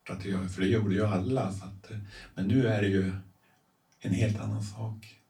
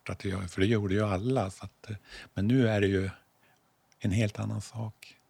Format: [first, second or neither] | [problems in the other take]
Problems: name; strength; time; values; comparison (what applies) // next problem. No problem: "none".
second | off-mic speech; far // room echo; very slight; dies away in 0.3 s